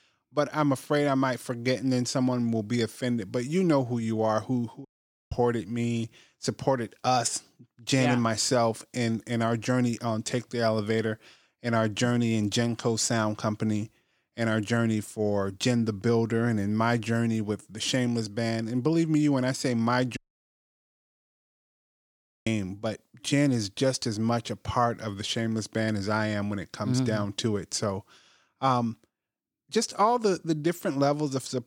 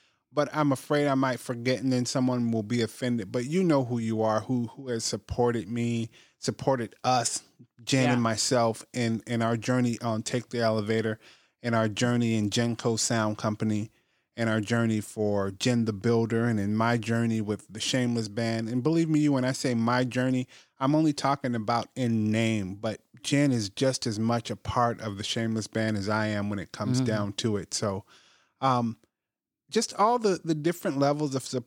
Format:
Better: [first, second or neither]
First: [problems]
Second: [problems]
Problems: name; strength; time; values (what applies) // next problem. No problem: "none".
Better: second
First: audio cutting out; at 5 s and at 20 s for 2.5 s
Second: none